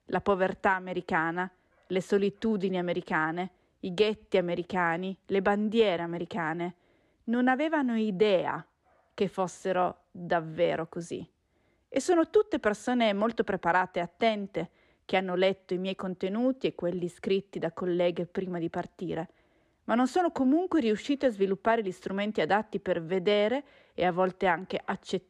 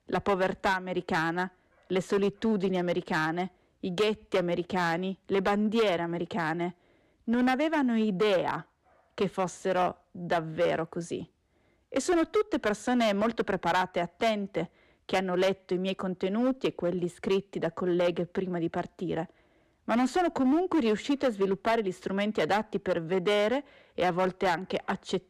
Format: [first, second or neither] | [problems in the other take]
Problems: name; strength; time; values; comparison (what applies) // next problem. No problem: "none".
first | distortion; slight; 7% of the sound clipped